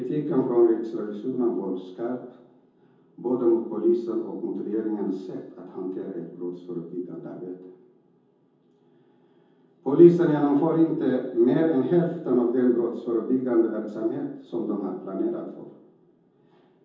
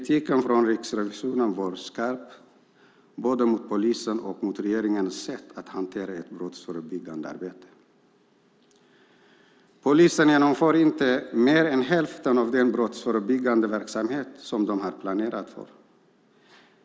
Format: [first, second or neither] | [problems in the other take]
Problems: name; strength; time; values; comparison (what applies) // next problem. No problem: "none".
second | room echo; dies away in 0.7 s